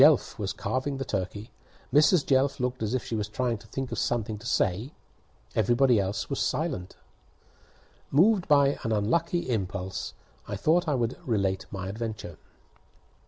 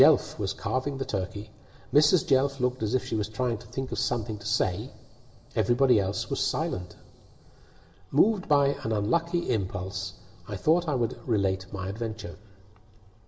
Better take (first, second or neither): first